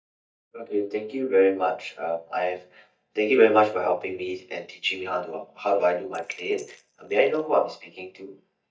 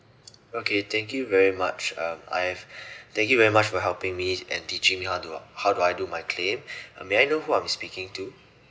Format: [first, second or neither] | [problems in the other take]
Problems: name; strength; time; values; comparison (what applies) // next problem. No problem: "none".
second | noise reduction (neural mask model DeepFilterNet 3)